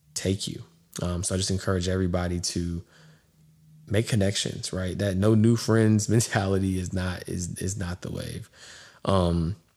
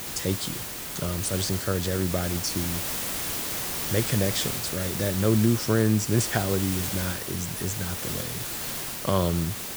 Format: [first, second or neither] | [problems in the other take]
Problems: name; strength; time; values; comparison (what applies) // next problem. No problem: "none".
first | hiss; loud; throughout; 3 dB below the speech